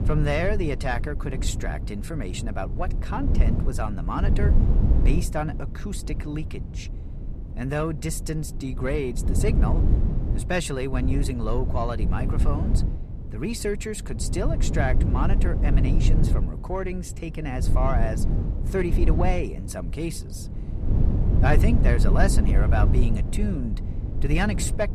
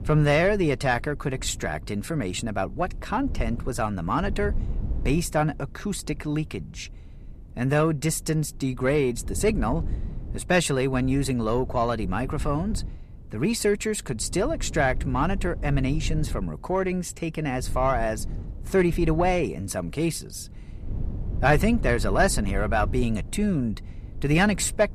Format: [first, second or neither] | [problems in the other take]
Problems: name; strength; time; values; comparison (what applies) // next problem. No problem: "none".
second | low rumble; loud; throughout; 7 dB below the speech; faint in the second